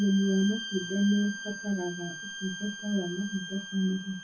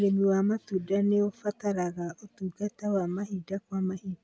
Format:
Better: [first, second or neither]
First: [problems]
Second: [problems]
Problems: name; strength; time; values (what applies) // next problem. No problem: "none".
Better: second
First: background sound (Bowed string instrument); 10 dB below the speech // room echo; dies away in 0.3 s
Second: none